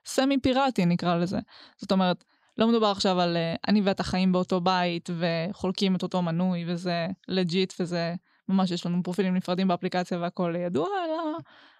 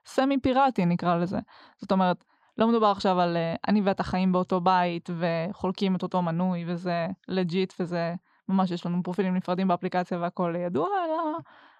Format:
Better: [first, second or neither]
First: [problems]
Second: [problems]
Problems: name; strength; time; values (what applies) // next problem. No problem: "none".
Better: first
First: none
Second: muffled; slightly; fading above 3.5 kHz